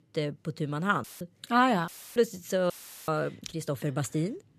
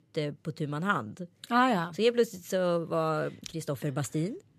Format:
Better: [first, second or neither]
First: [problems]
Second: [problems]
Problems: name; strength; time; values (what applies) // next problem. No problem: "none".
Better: second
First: audio cutting out; filled with static; at 1 s, at 2 s and at 2.5 s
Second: none